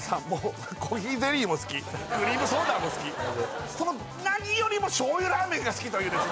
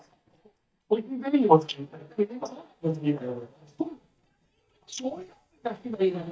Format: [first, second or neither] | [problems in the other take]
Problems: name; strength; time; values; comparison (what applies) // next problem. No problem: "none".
first | noise reduction (neural mask model DeepFilterNet 3)